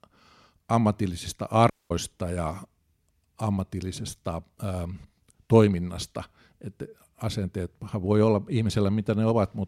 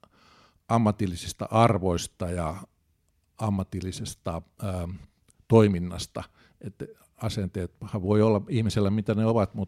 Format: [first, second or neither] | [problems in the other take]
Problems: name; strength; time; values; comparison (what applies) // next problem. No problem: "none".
second | audio cutting out; at 1.5 s